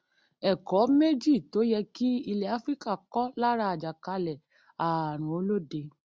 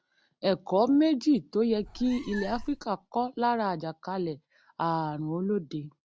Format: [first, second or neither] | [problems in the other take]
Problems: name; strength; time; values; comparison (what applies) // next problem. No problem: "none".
first | background sound (Meow); 15 dB below the speech